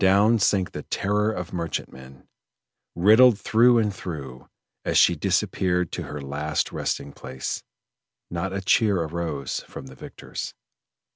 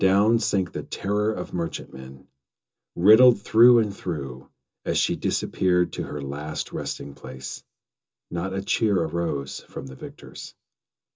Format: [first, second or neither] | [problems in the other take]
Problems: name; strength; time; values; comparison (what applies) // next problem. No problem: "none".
first | room echo; dies away in 0.2 s